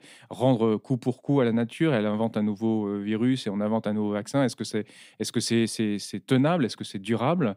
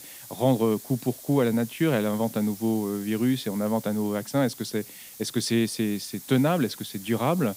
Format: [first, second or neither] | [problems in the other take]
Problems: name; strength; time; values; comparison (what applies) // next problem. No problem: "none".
first | hiss; noticeable; throughout; 15 dB below the speech